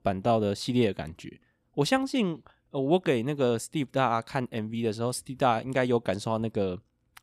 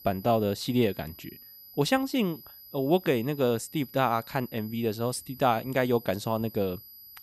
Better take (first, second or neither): first